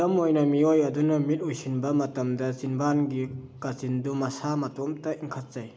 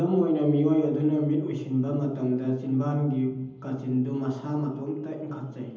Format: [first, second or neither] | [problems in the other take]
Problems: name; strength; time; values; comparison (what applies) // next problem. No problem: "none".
first | room echo; dies away in 0.9 s